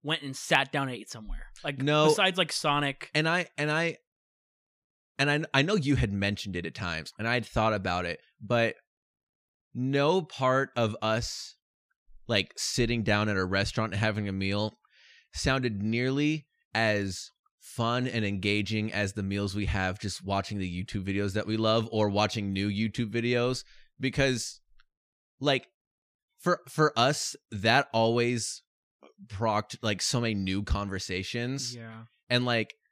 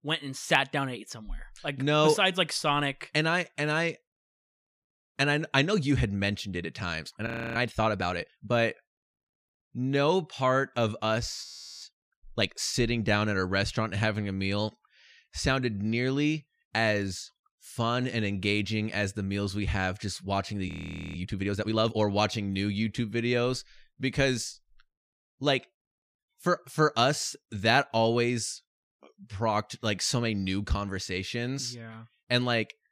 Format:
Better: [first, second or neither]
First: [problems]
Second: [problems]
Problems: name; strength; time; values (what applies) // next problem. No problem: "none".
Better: first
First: none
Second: audio freezing; at 7.5 s, at 11 s and at 21 s